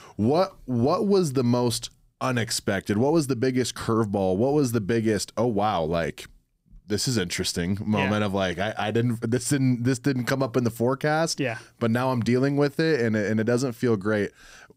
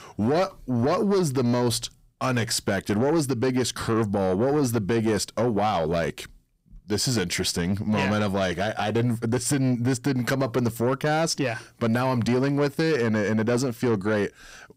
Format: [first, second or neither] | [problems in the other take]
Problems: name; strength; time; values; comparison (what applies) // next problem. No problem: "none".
first | distortion; slight; 10 dB below the speech